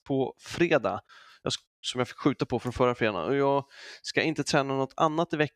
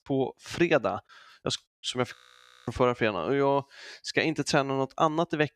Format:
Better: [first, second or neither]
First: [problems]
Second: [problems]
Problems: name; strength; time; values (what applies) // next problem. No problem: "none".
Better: first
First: none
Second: audio freezing; at 2 s for 0.5 s